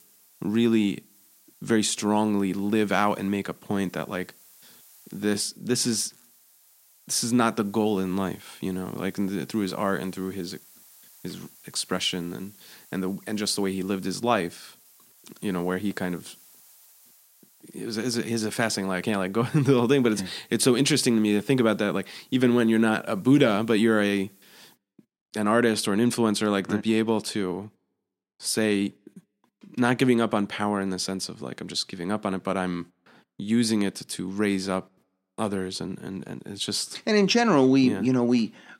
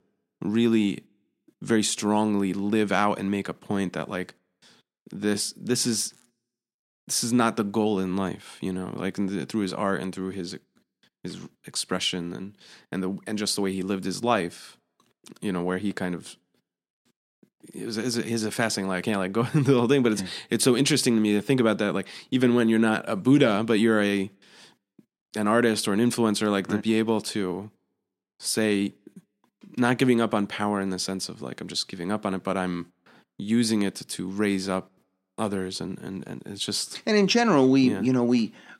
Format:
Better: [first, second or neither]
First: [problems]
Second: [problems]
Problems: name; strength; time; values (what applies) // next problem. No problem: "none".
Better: second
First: hiss; faint; until 25 s; 25 dB below the speech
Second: none